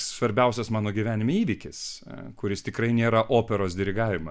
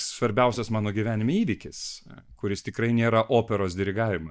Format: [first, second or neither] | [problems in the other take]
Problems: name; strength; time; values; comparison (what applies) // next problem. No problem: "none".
first | noise reduction (neural mask model DeepFilterNet 3)